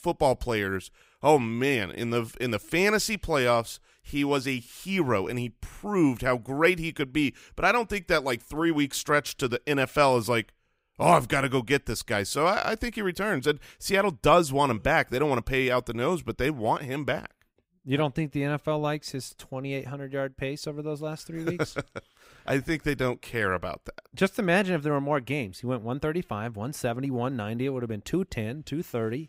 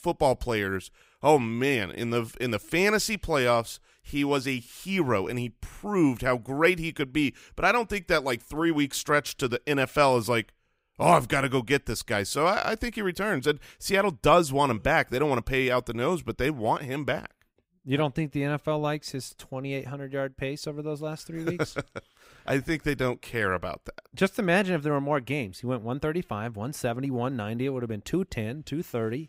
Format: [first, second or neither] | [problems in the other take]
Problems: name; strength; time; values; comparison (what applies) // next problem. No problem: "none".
neither | none